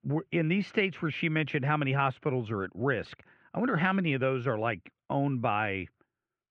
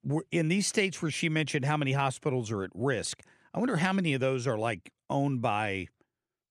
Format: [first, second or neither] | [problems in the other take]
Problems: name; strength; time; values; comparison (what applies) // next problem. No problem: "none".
second | muffled; very; fading above 3 kHz